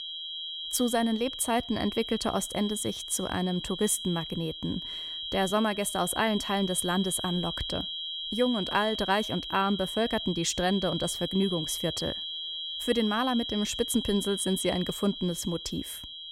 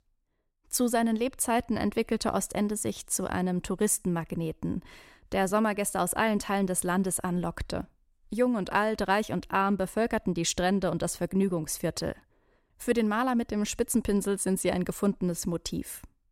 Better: second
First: high-pitched whine; loud; throughout; 3.5 kHz, 5 dB below the speech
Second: none

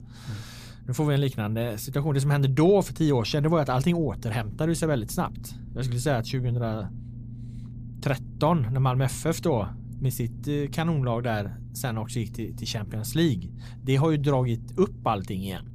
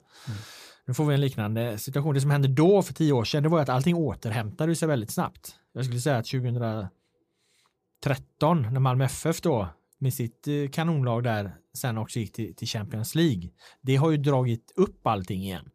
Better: second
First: low rumble; faint; throughout; 20 dB below the speech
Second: none

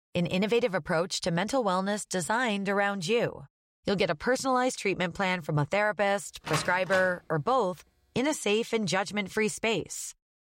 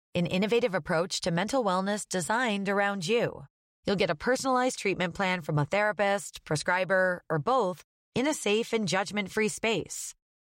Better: second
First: door banging; noticeable; at 6.5 s; peak 5 dB below the speech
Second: none

